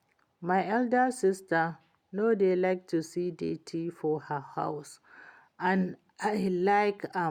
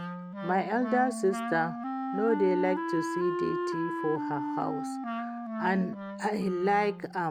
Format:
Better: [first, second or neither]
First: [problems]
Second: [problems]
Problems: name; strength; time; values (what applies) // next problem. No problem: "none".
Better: first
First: none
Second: background sound (Wind instrument, woodwind instrument); 4 dB below the speech